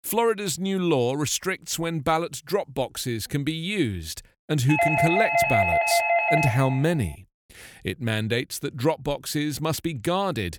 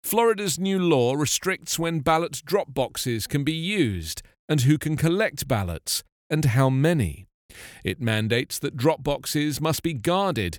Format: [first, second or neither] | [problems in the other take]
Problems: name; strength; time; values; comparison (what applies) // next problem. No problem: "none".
second | doorbell; loud; from 4.5 to 7 s; peak 5 dB above the speech